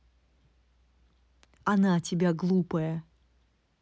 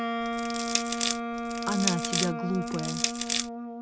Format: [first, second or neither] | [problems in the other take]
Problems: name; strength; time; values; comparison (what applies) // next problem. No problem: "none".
first | background sound (Crushing + Wind instrument, woodwind instrument); 4 dB above the speech